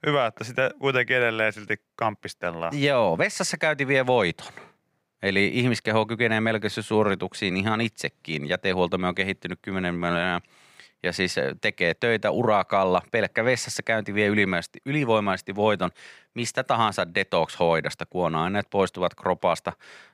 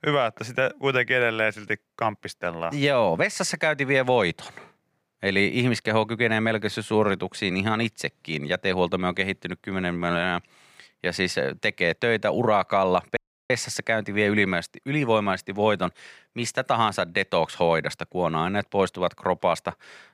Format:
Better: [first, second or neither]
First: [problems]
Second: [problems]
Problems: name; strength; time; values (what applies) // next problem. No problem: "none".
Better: first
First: none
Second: audio cutting out; at 13 s